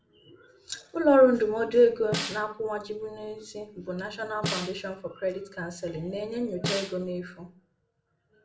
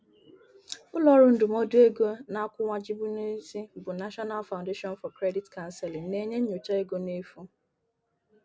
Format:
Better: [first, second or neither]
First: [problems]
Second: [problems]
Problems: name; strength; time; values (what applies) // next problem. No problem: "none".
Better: second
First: background sound (Snare drum); 9 dB below the speech // room echo; dies away in 0.3 s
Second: none